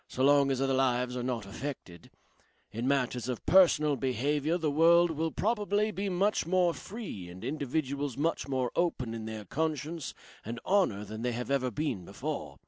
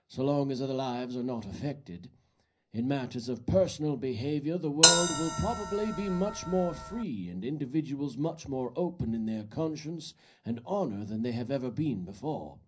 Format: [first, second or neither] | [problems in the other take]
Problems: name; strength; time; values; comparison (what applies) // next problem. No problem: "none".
first | background sound (Bell); 4 dB above the speech // room echo; dies away in 0.5 s